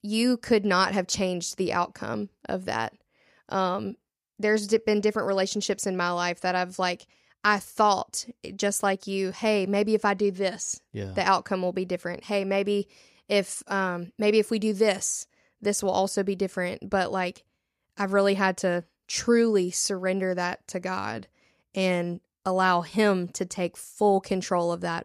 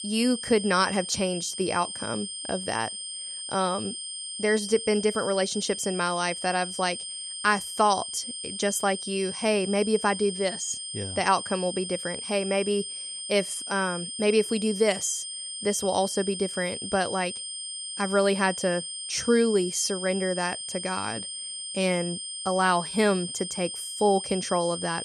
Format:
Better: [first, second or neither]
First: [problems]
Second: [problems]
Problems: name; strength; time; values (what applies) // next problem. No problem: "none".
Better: first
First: none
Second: high-pitched whine; loud; throughout; 8.5 kHz, 6 dB below the speech